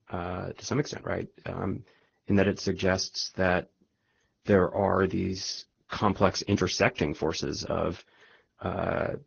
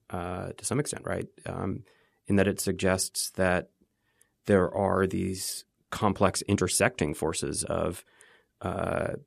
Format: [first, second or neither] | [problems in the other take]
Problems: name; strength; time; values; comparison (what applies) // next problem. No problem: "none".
second | garbled, watery; badly; nothing above 6.5 kHz